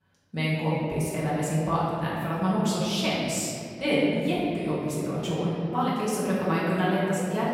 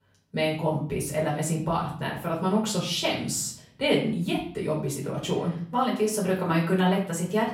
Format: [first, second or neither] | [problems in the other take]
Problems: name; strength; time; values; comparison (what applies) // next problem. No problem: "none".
second | room echo; strong; dies away in 2.1 s; slight in the second // off-mic speech; far; far in the second